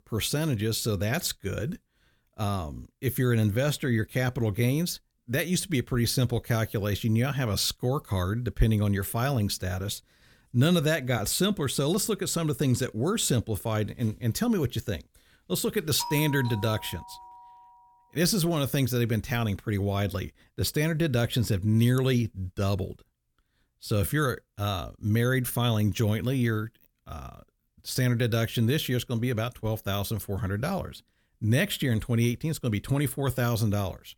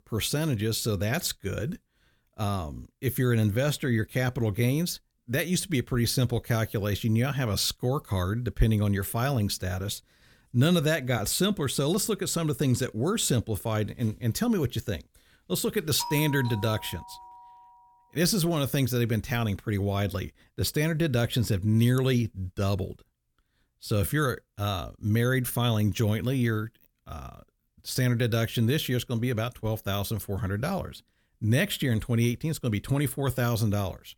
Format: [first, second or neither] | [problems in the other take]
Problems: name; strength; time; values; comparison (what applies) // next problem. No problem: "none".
neither | doorbell; noticeable; from 16 to 18 s; peak 9 dB below the speech; the same in both